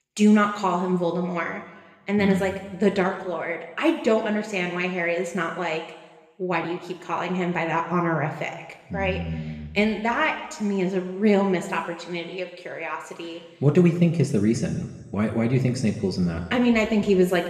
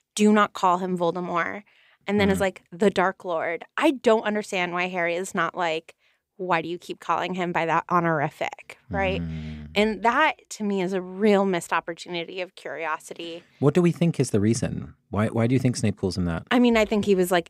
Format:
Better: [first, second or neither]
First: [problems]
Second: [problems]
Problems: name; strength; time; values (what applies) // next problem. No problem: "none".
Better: second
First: room echo; slight; dies away in 1.1 s // off-mic speech; somewhat distant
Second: none